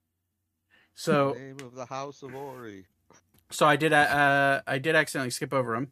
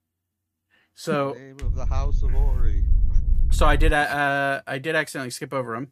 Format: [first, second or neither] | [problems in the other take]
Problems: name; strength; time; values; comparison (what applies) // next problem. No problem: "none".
first | low rumble; very faint; from 1.5 to 4 s; 25 dB below the speech